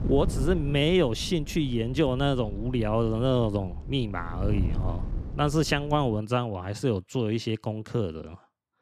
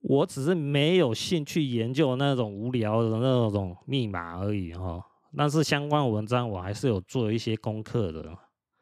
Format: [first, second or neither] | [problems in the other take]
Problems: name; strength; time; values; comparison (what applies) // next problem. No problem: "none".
second | wind noise on the microphone; occasional gusts; until 6 s; 20 dB below the speech